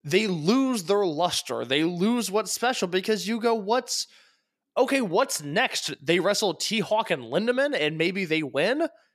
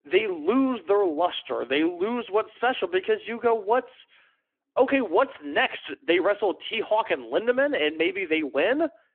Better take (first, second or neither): first